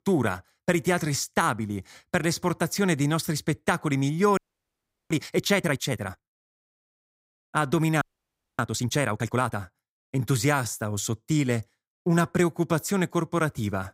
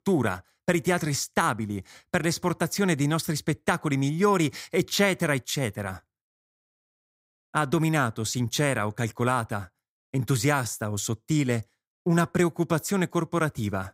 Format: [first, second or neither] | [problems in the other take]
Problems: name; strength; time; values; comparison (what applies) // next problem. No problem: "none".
second | audio freezing; at 4.5 s for 0.5 s and at 8 s for 0.5 s